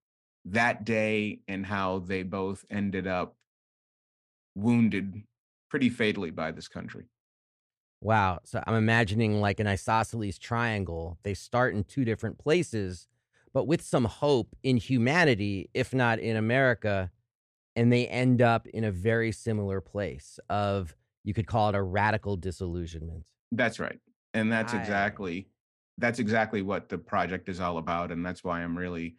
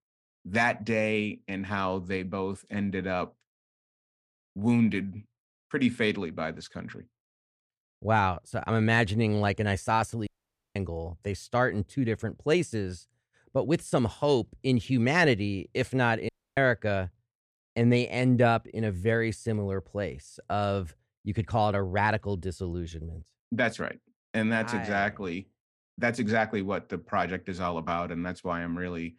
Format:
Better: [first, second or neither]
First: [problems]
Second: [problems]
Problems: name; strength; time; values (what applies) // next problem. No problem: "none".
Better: first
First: none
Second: audio cutting out; at 10 s and at 16 s